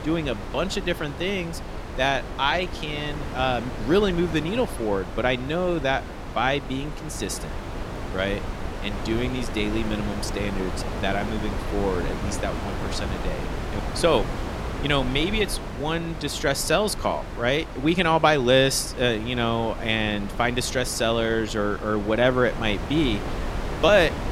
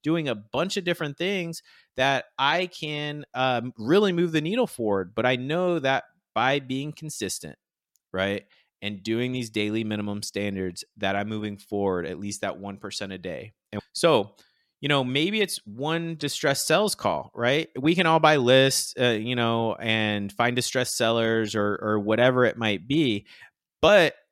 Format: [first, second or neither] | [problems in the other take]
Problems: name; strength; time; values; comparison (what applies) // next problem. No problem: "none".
second | wind noise on the microphone; occasional gusts; 10 dB below the speech